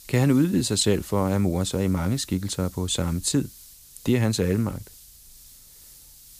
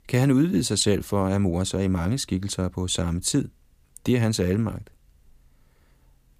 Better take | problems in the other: second | hiss; faint; throughout; 20 dB below the speech

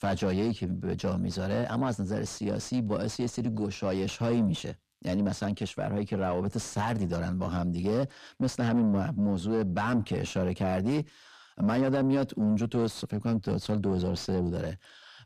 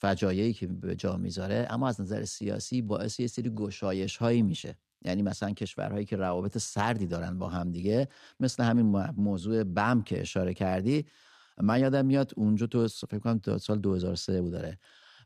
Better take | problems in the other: second | distortion; slight; 9 dB below the speech

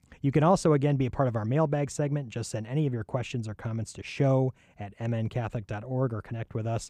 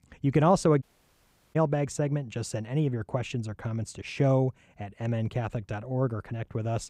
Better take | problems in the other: first | audio cutting out; at 1 s for 0.5 s

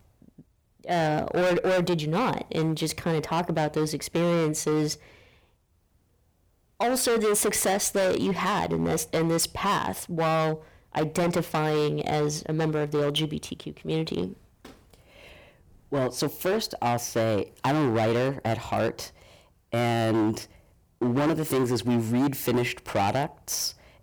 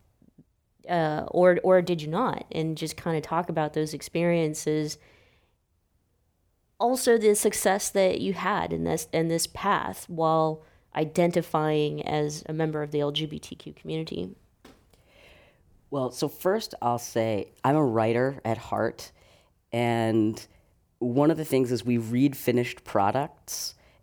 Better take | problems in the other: second | distortion; heavy; 15% of the sound clipped

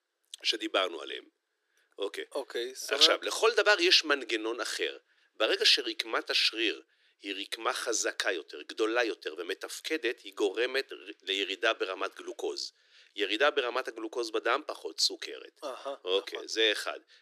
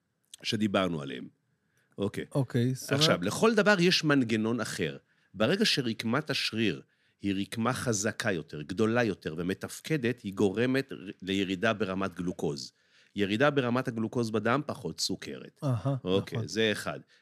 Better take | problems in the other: second | thin; very; fading below 300 Hz

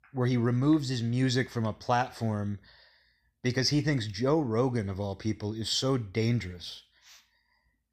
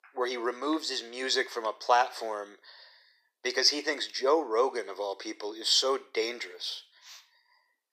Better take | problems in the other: first | thin; very; fading below 350 Hz

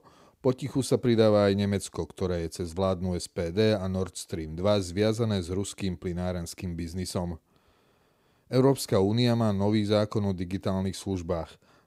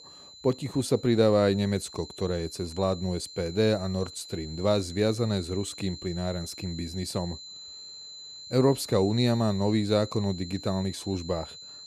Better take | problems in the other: first | high-pitched whine; noticeable; throughout; 4 kHz, 15 dB below the speech

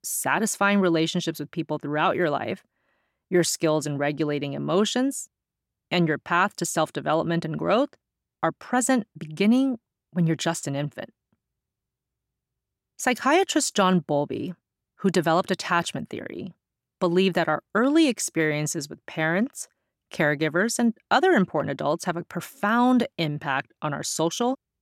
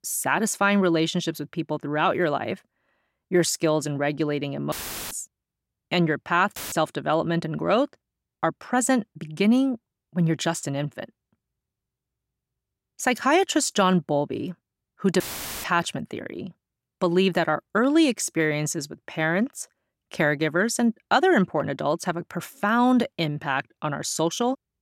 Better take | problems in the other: first | audio cutting out; filled with static; at 4.5 s, at 6.5 s and at 15 s

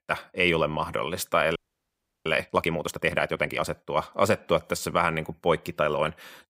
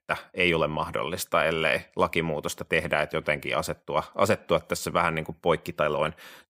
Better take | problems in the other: second | audio freezing; at 1.5 s for 0.5 s

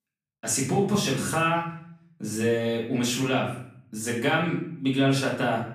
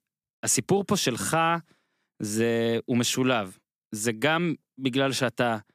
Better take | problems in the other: second | off-mic speech; far // room echo; noticeable; dies away in 0.6 s

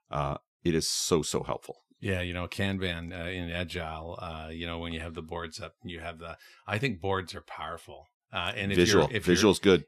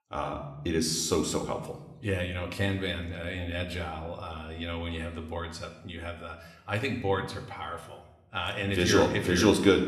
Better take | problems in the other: first | room echo; slight; dies away in 0.8 s

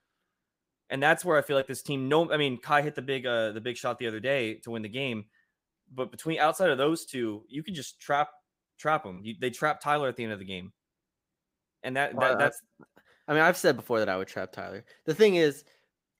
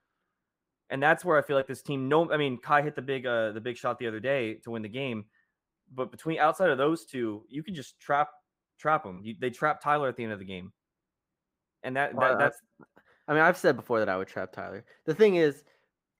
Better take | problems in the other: first | muffled; slightly; fading above 2.5 kHz

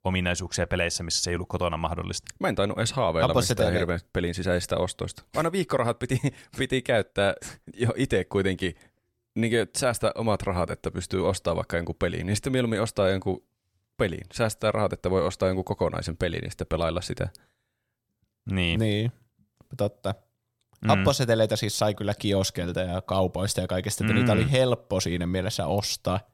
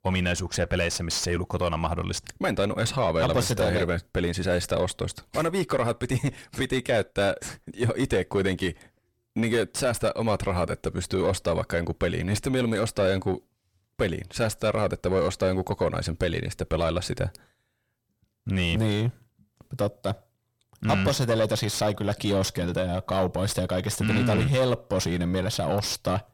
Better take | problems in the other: first | distortion; slight; 9 dB below the speech

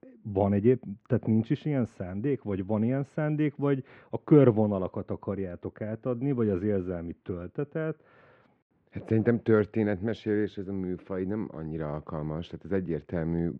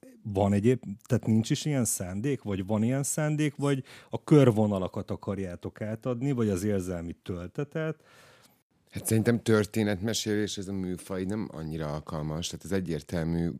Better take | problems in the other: second | muffled; very; fading above 2 kHz

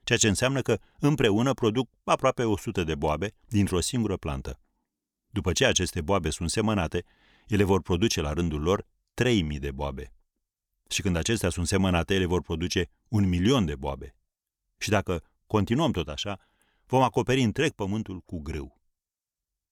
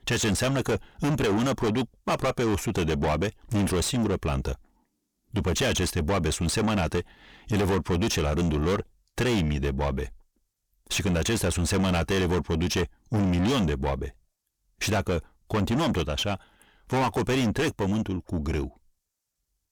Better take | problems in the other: first | distortion; heavy; 5 dB below the speech

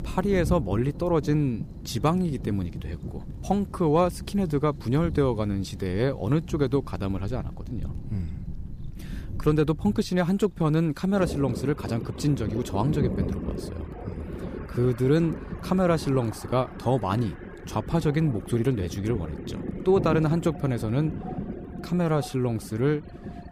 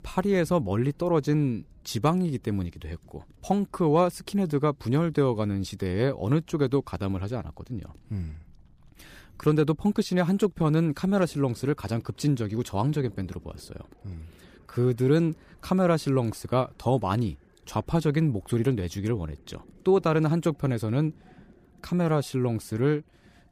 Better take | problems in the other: second | rain or running water; loud; throughout; 10 dB below the speech; faint in the second

